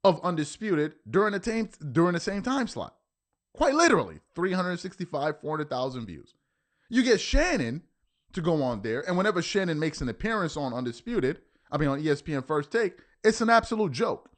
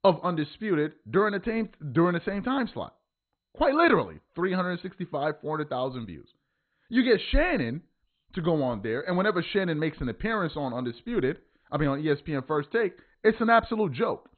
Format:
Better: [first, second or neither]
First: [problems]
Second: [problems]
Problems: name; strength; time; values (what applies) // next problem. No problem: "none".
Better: first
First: garbled, watery; slightly; nothing above 8.5 kHz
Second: garbled, watery; badly; nothing above 4 kHz